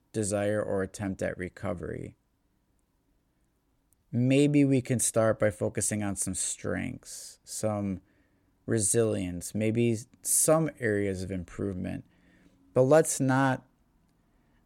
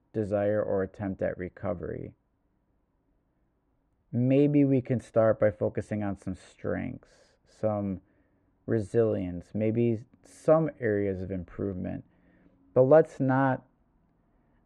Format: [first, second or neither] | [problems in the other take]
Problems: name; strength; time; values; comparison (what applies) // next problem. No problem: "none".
first | muffled; very; fading above 1.5 kHz